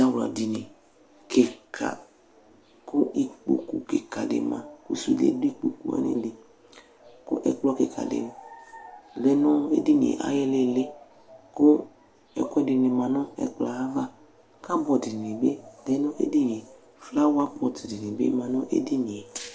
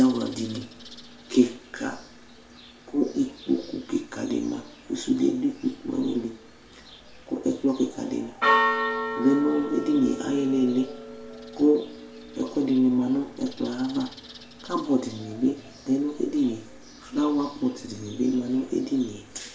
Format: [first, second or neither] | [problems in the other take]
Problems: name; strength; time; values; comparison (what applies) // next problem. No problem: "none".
first | background sound (Church bell); 9 dB below the speech // room echo; dies away in 0.9 s